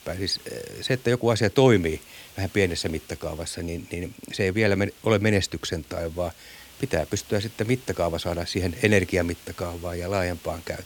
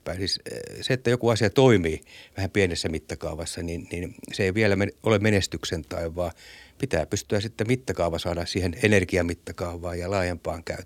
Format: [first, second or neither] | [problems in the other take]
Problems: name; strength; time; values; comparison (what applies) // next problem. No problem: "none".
second | hiss; faint; throughout; 20 dB below the speech